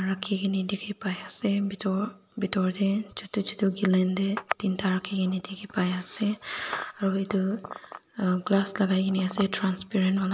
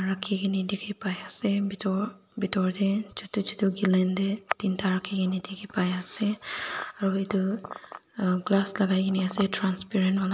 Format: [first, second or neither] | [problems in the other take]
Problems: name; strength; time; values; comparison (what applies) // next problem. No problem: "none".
second | background sound (Clapping); 13 dB below the speech